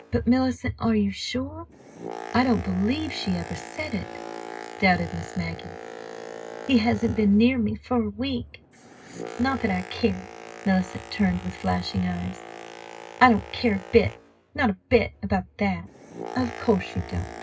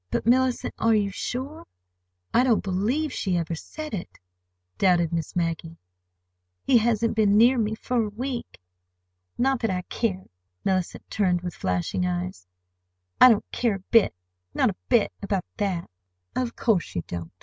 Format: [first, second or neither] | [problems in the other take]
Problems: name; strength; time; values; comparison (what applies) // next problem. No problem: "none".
second | background sound (Boat, Water vehicle); 15 dB below the speech // room echo; dies away in 0.2 s